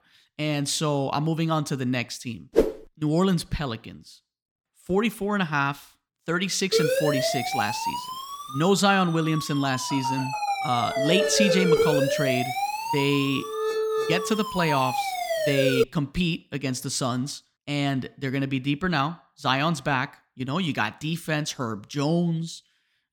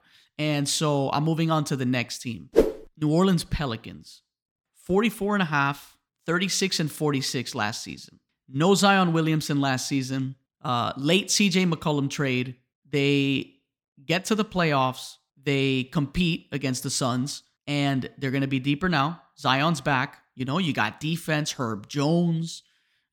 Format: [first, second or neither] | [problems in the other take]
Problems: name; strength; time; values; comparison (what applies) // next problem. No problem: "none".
second | siren; loud; from 6.5 to 16 s; peak 5 dB above the speech